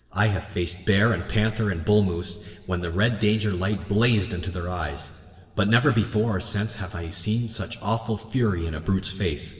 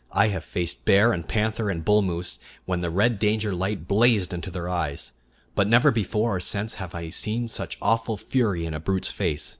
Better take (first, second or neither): second